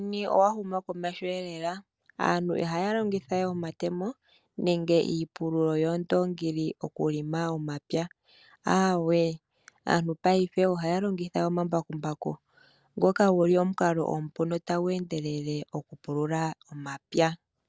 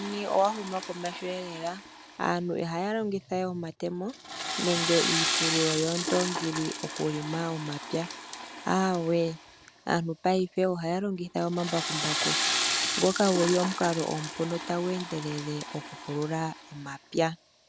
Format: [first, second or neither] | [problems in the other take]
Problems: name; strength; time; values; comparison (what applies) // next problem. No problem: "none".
first | background sound (Toilet flush / Water); 5 dB below the speech